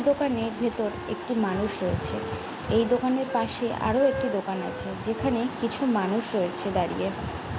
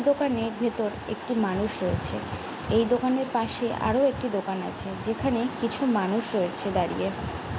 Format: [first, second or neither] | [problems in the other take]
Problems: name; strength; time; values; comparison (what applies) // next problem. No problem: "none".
second | background sound (Fire + Wind instrument, woodwind instrument); 12 dB below the speech